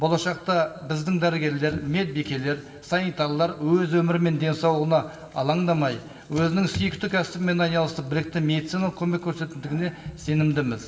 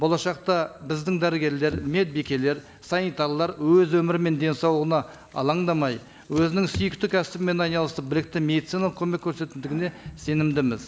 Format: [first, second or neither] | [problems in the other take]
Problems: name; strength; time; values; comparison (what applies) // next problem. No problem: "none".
second | room echo; dies away in 1.8 s